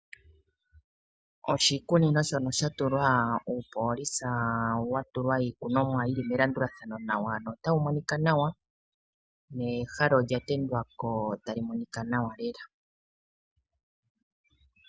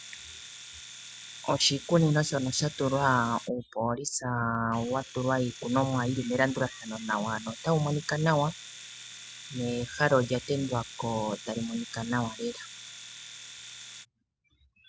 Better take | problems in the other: first | background sound (Domestic sounds, home sounds); 16 dB below the speech

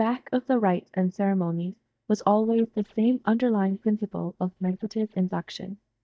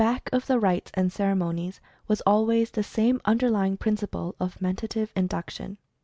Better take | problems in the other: second | noise reduction (neural mask model DeepFilterNet 3)

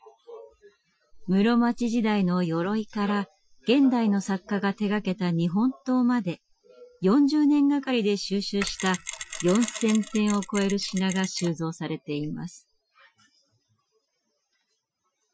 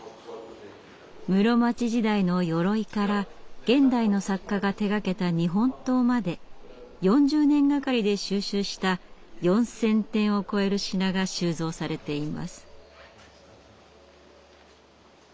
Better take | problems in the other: second | noise reduction (classical method Wiener filter)

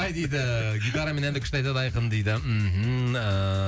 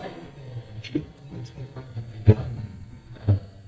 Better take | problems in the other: first | noise reduction (neural mask model DeepFilterNet 3)

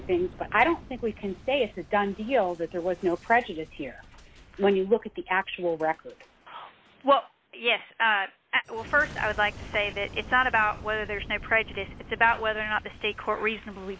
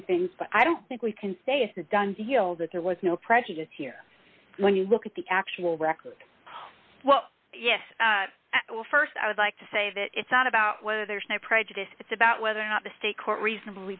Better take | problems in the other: second | background sound (Boom); 18 dB below the speech

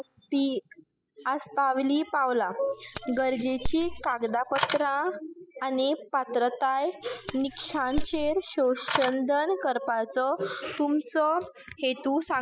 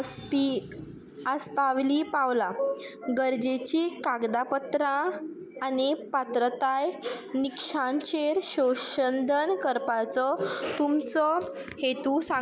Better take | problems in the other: second | noise reduction (classical method spectral subtraction)

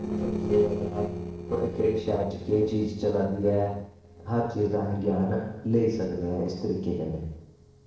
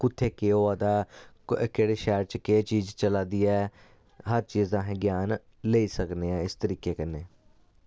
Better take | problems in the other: second | noise reduction (neural separator model SepFormer DNS4)

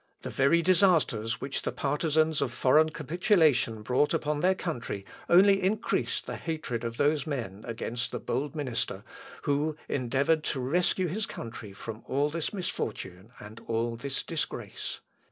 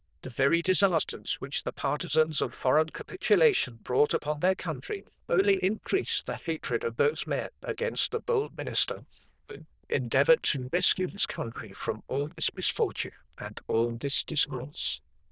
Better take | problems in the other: first | noise reduction (neural diffusion model UNIVERSE++)

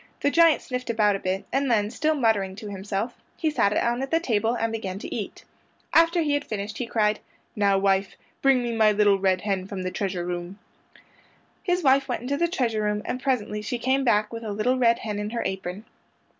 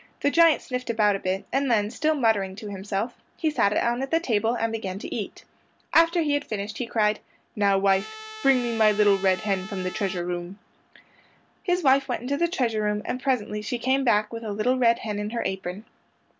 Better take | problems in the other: first | background sound (Trumpet); 14 dB below the speech

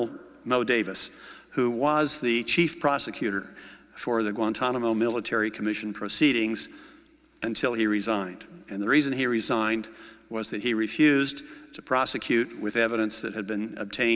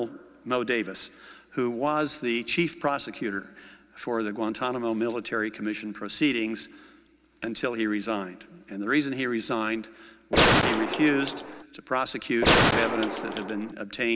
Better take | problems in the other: first | background sound (Gunshot, gunfire); 5 dB above the speech

